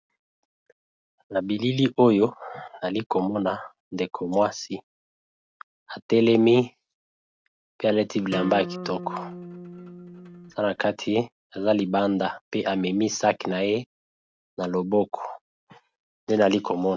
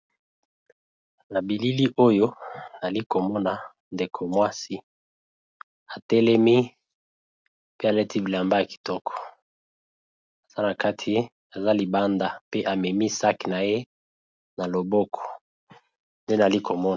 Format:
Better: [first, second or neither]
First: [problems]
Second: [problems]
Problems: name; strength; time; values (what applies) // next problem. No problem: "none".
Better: second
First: background sound (Acoustic guitar); 11 dB below the speech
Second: none